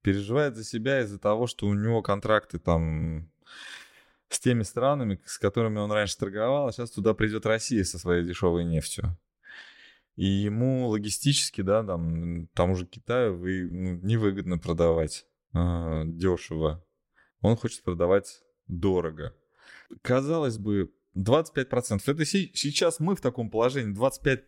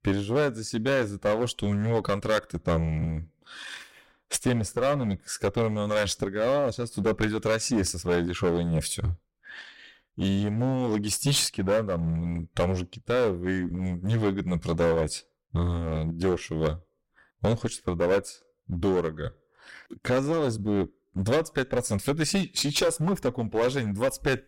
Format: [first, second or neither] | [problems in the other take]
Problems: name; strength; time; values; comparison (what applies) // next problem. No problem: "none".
first | distortion; heavy; 10% of the sound clipped